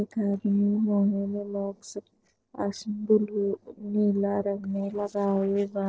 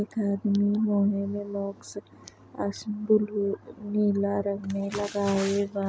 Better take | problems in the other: second | noise reduction (neural separator model SepFormer DNS4)

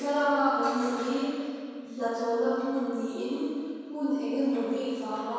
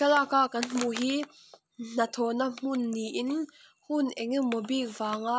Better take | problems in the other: second | room echo; dies away in 2.2 s

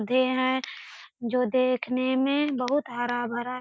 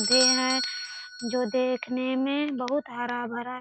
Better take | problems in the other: first | background sound (Bell / Doorbell); 3 dB below the speech

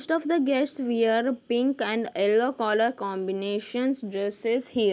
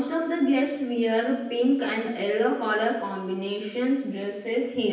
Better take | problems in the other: first | room echo; dies away in 0.9 s

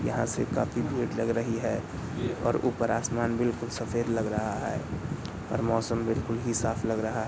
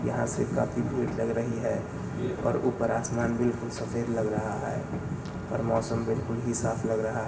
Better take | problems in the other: first | background sound (Knock); 18 dB below the speech // room echo; dies away in 1.8 s

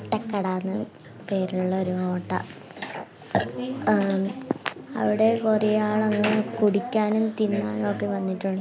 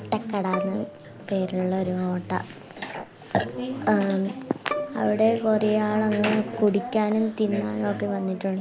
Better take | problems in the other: first | background sound (Bowed string instrument); 14 dB below the speech

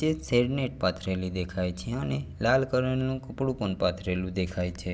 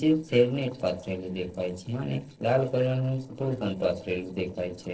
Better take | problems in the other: first | noise reduction (neural separator model SepFormer DNS4)

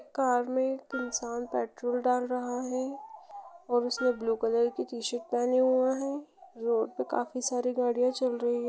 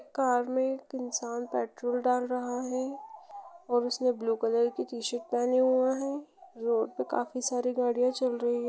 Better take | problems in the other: second | background sound (Wind instrument, woodwind instrument); 15 dB below the speech

